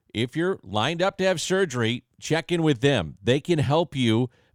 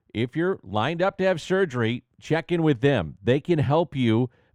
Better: first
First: none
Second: muffled; slightly; fading above 3.5 kHz

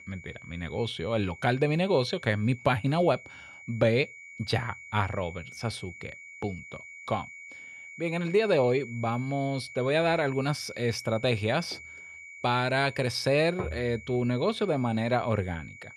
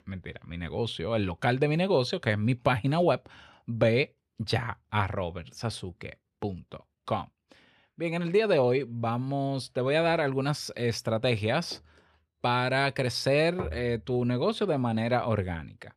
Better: second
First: high-pitched whine; noticeable; throughout; 2.5 kHz, 15 dB below the speech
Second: none

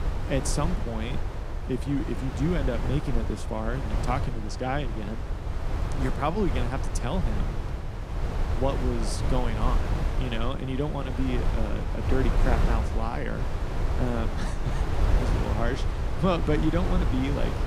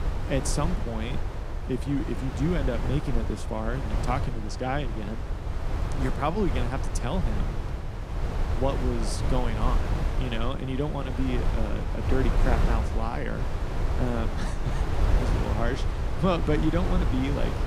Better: neither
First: wind noise on the microphone; heavy; 4 dB below the speech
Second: wind noise on the microphone; heavy; 4 dB below the speech

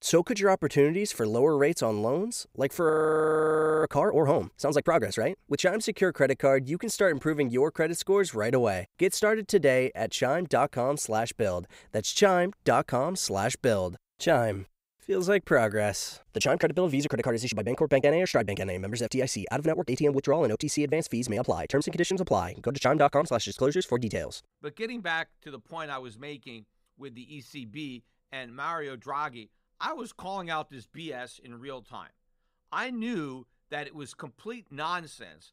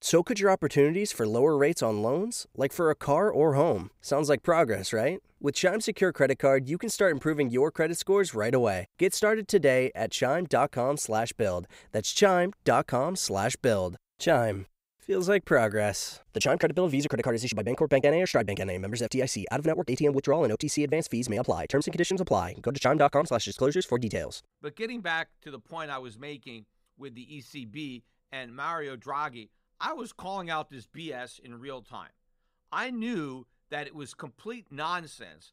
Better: second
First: audio freezing; at 3 s for 1 s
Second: none

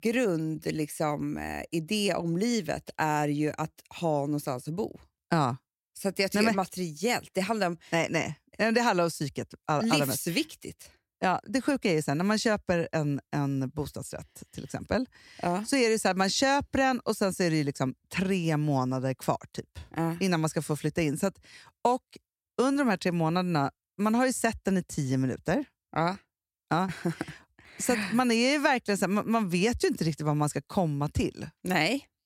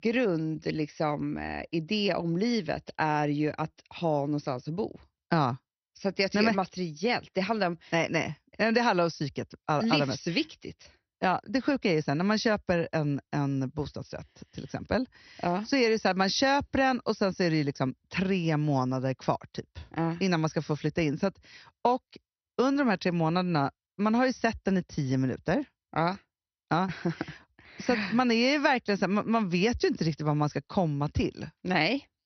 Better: first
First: none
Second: garbled, watery; slightly; nothing above 6 kHz

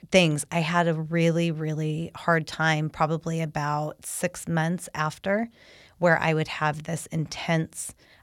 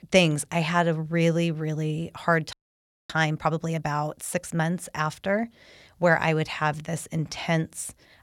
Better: first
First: none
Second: audio freezing; at 2.5 s for 0.5 s

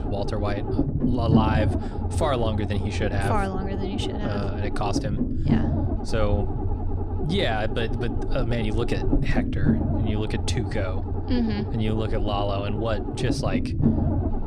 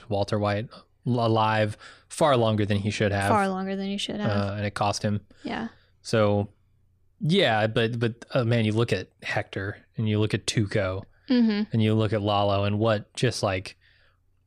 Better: second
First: low rumble; loud; throughout; 4 dB below the speech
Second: none

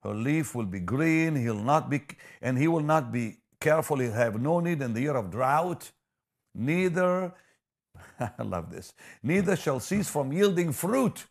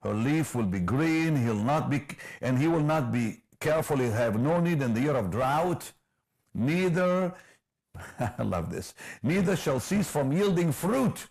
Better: first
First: none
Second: distortion; heavy; 8 dB below the speech

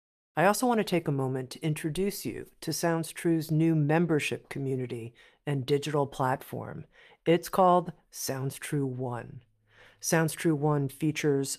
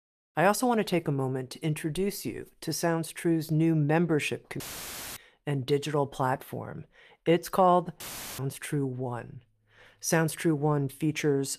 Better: first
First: none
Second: audio cutting out; filled with static; at 4.5 s for 0.5 s and at 8 s

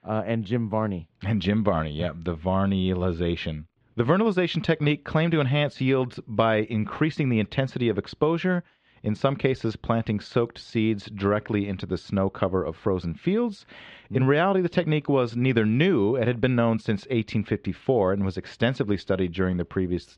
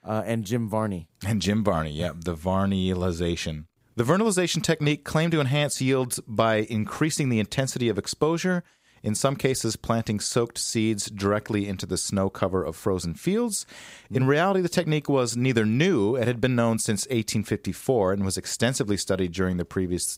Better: second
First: muffled; very; fading above 3 kHz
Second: none

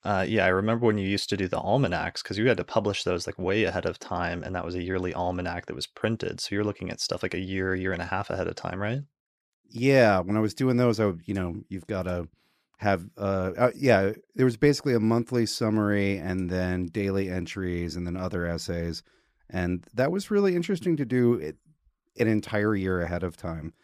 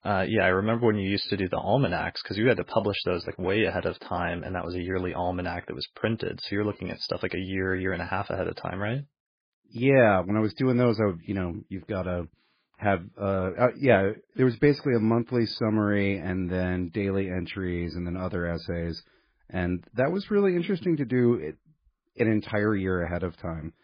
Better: first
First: none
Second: garbled, watery; badly; nothing above 5 kHz

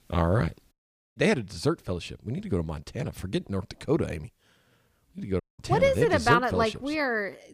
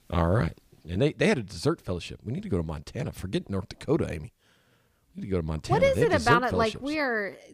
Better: second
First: audio cutting out; at 0.5 s and at 5.5 s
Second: none

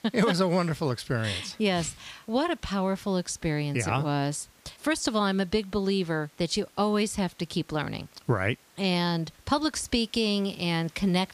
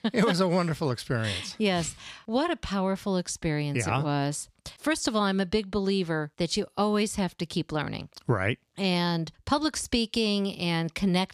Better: second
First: hiss; faint; throughout; 30 dB below the speech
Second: none

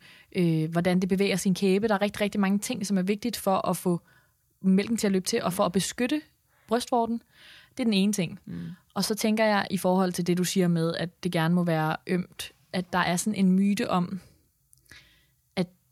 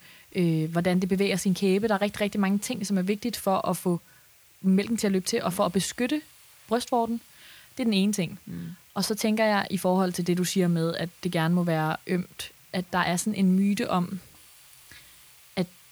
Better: first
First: none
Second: hiss; faint; throughout; 25 dB below the speech

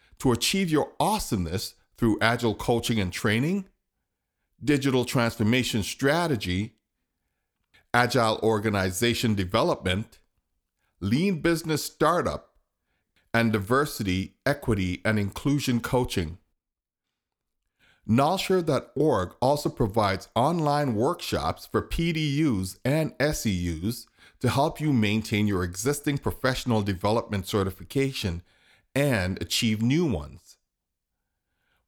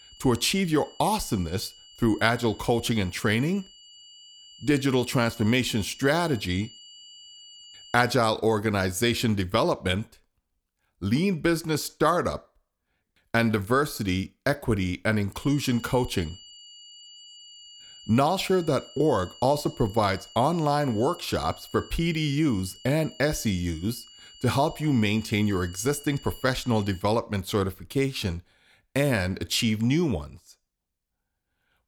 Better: first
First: none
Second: high-pitched whine; faint; until 8 s and from 15 to 27 s; 3 kHz, 20 dB below the speech

